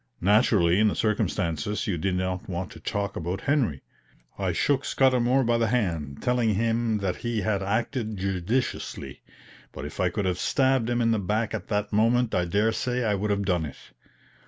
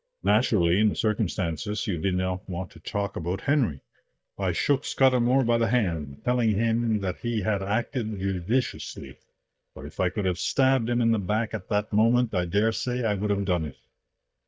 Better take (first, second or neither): first